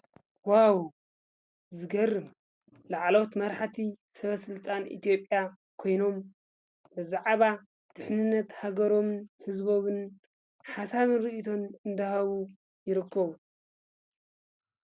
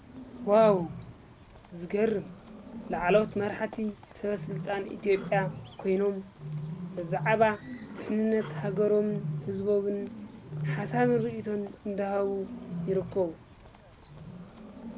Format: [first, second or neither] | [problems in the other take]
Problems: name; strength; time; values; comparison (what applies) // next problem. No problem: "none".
first | background sound (Bird); 9 dB below the speech